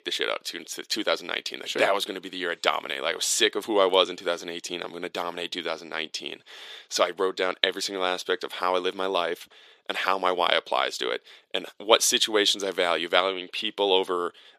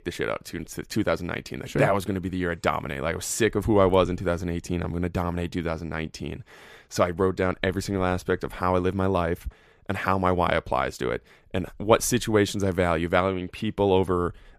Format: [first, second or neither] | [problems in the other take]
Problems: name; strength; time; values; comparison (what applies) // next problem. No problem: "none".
second | thin; somewhat; fading below 350 Hz